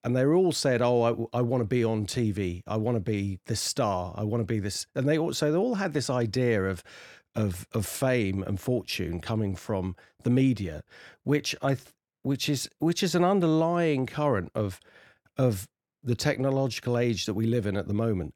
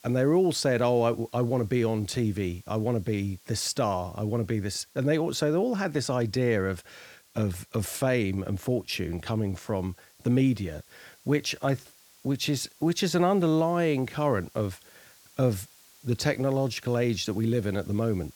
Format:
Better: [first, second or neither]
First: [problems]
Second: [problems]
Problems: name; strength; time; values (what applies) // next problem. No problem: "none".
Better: first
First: none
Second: hiss; faint; throughout; 25 dB below the speech